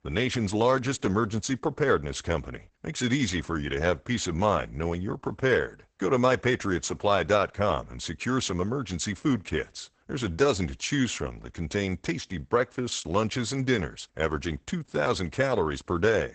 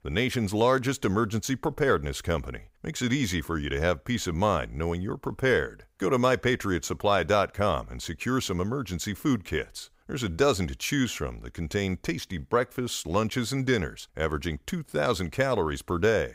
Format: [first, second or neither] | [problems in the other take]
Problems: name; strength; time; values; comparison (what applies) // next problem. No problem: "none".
second | garbled, watery; badly; nothing above 8 kHz